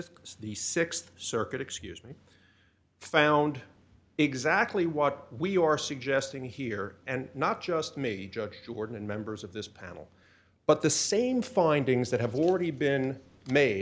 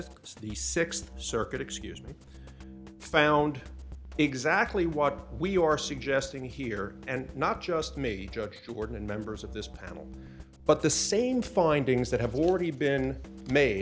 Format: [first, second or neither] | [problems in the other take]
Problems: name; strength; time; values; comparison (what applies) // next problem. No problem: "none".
first | background sound (Drum kit); 15 dB below the speech